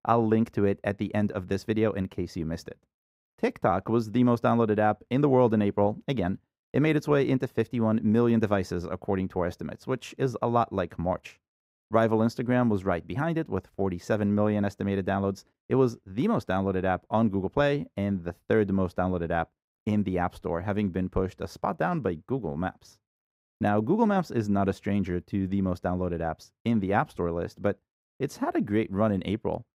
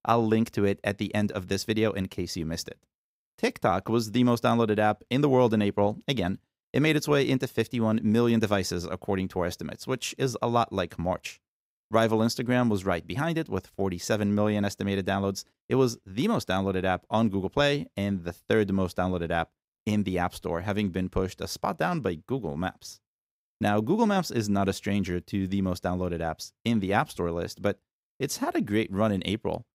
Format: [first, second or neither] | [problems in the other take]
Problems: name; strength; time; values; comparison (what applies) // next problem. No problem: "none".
second | muffled; slightly; fading above 2.5 kHz